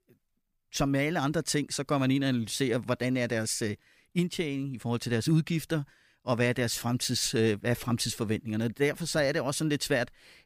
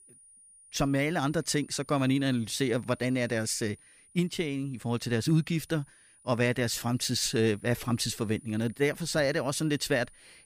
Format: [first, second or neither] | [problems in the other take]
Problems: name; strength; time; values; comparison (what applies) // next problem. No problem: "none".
first | high-pitched whine; faint; throughout; 9.5 kHz, 25 dB below the speech